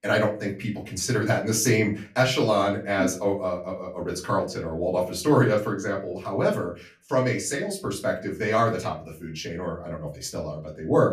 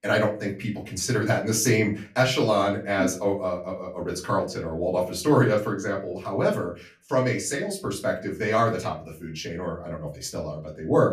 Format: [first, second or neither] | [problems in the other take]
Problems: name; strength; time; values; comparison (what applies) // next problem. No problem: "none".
neither | off-mic speech; far; the same in both // room echo; very slight; dies away in 0.3 s; the same in both